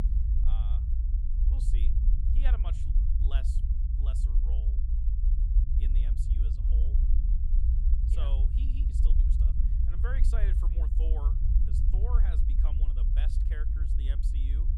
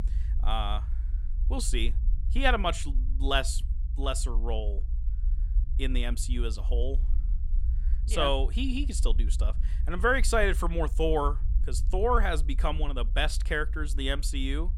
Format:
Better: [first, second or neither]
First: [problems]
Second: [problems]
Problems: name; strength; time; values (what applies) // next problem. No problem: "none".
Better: second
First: low rumble; loud; throughout; 1 dB below the speech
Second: low rumble; faint; throughout; 25 dB below the speech